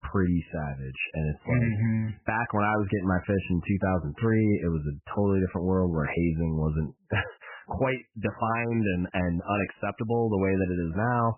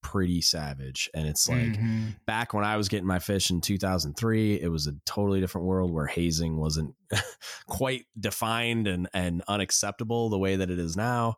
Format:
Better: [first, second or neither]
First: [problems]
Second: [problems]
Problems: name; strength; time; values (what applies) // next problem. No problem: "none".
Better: second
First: garbled, watery; badly; nothing above 3 kHz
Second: none